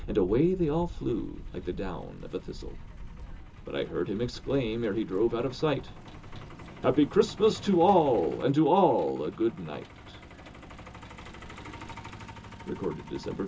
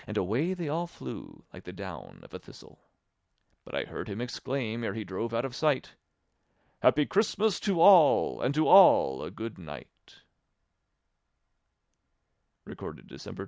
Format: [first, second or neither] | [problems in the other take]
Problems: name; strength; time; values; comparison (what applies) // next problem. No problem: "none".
second | background sound (Truck); 14 dB below the speech // room echo; dies away in 0.2 s